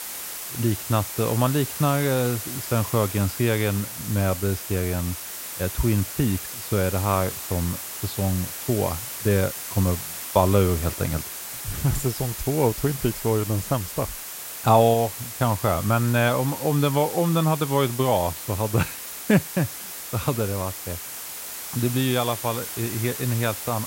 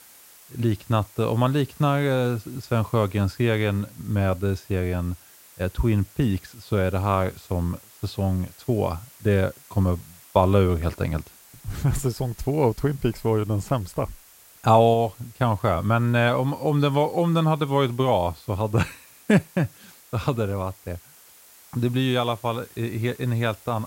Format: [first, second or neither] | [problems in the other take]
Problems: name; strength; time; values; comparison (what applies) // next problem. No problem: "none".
second | hiss; loud; throughout; 7 dB below the speech; faint in the second